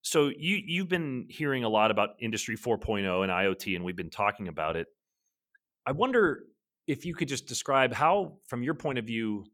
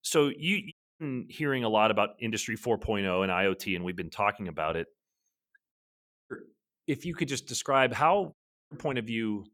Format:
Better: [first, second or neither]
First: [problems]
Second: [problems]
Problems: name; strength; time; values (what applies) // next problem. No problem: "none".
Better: first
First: none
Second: audio cutting out; at 0.5 s, at 5.5 s for 0.5 s and at 8.5 s